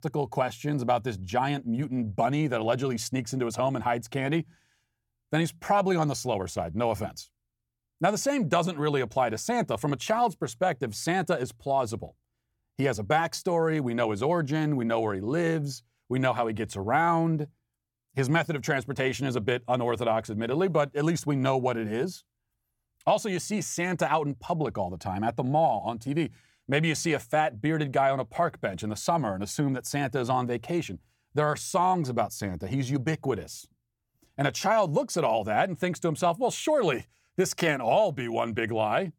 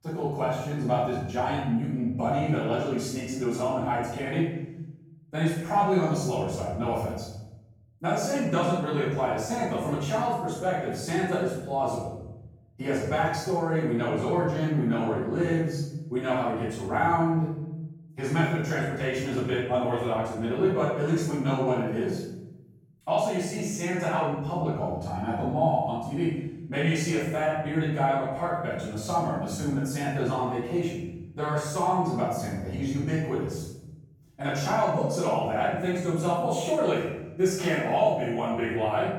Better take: first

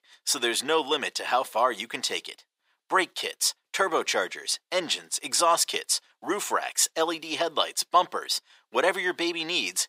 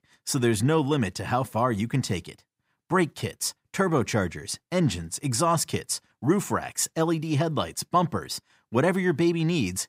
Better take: second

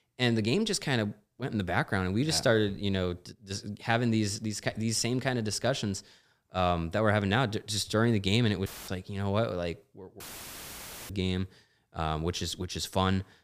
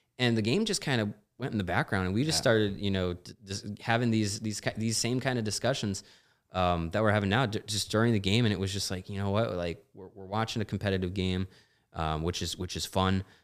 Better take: second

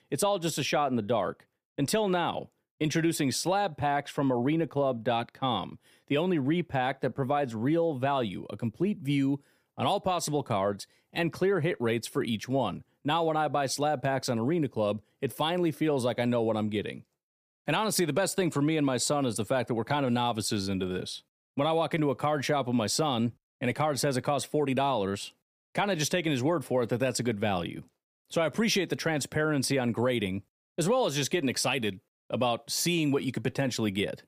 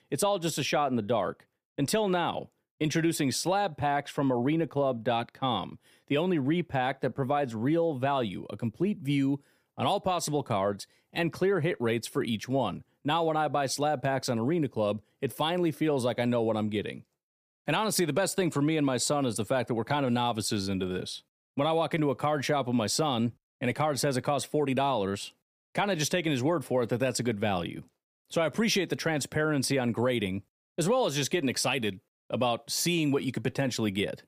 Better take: neither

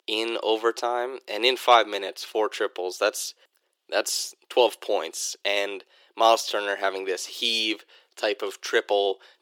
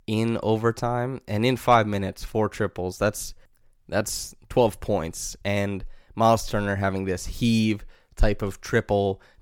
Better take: second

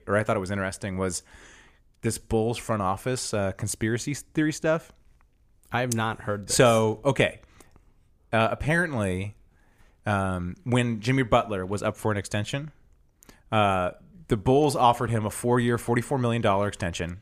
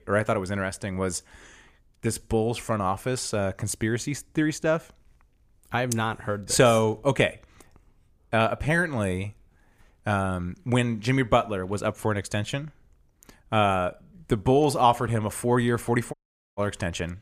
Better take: first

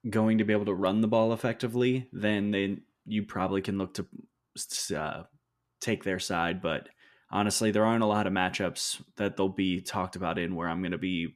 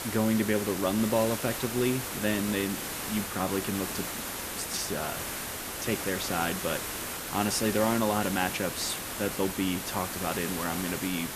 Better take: first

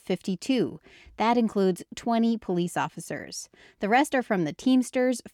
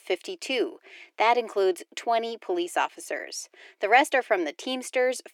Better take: first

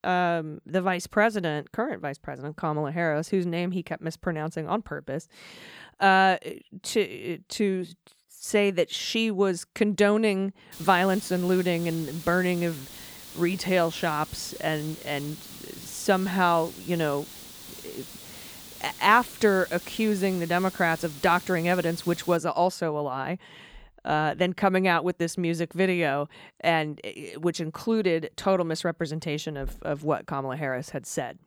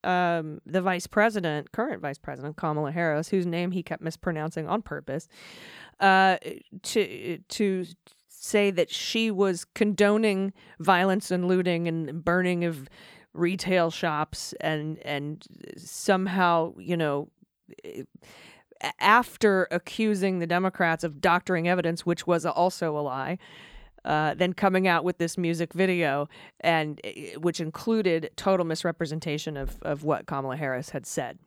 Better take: second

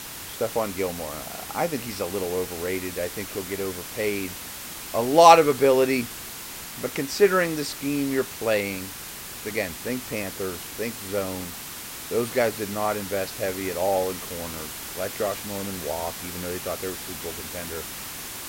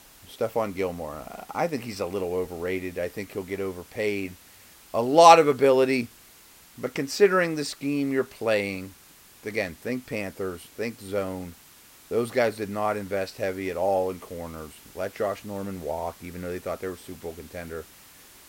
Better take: second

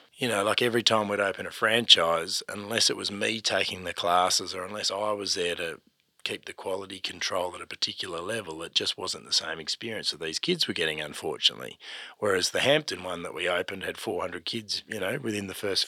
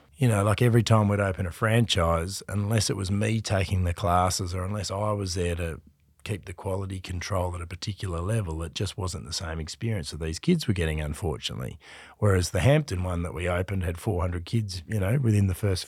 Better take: second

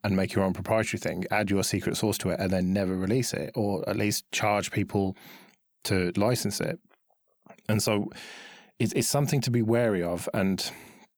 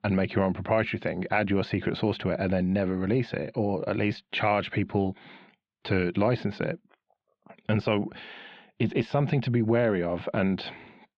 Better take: first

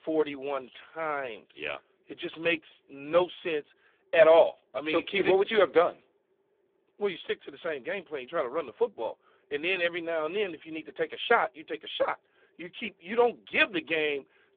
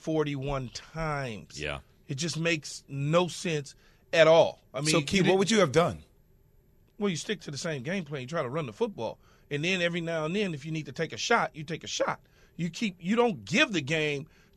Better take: second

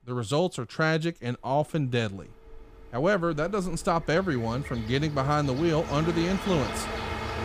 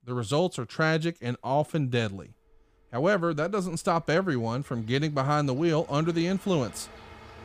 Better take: second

